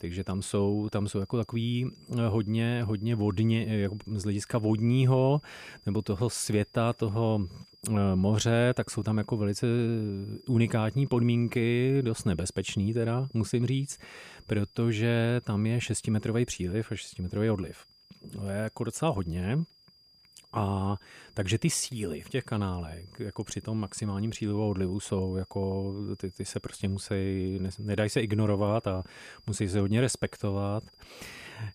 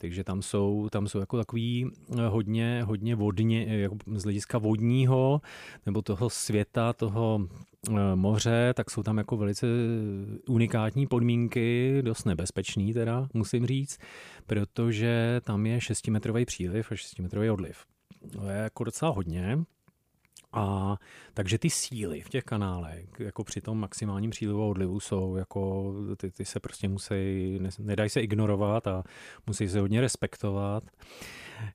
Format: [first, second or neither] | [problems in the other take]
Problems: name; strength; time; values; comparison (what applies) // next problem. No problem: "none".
second | high-pitched whine; faint; throughout; 5 kHz, 25 dB below the speech